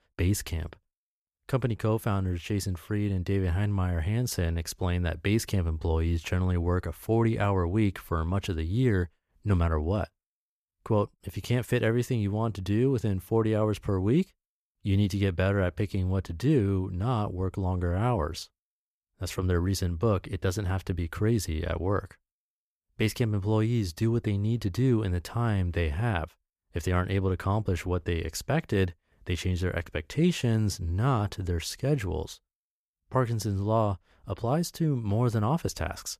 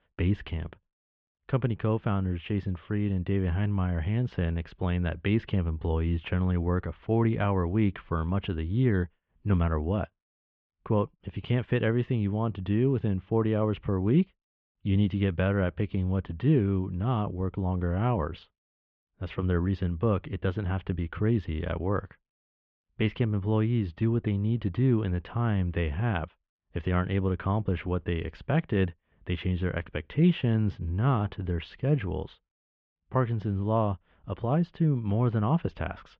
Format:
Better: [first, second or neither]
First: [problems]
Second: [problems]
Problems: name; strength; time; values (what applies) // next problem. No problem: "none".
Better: first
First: none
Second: muffled; very; fading above 3 kHz